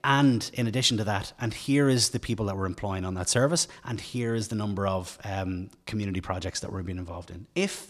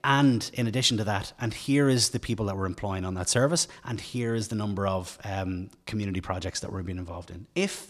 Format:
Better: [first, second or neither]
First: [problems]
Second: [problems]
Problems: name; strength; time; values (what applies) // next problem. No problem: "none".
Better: neither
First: none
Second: none